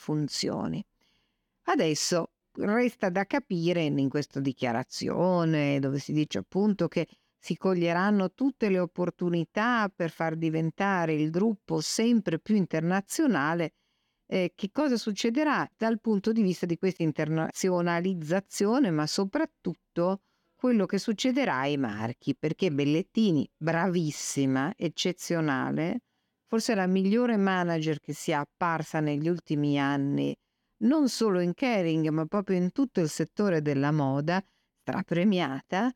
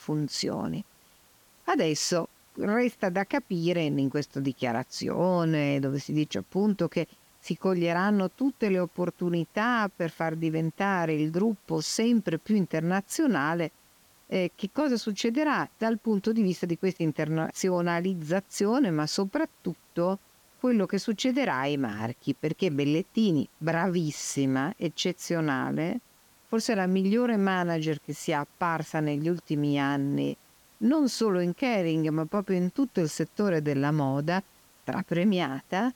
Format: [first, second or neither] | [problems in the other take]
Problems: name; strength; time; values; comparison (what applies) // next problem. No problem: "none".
first | hiss; faint; throughout; 30 dB below the speech